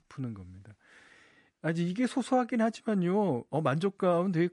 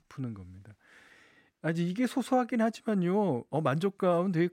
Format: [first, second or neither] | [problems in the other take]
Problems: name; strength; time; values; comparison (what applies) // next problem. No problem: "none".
second | garbled, watery; slightly; nothing above 10.5 kHz